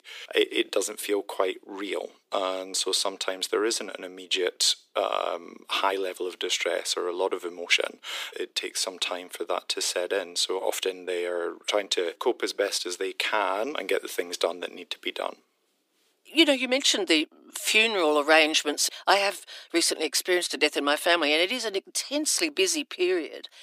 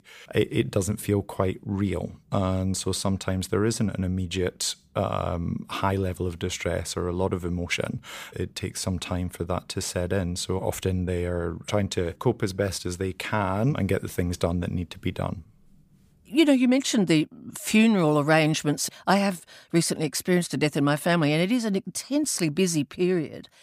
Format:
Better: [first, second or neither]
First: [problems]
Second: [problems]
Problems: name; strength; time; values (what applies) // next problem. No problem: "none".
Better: second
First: thin; very; fading below 350 Hz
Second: none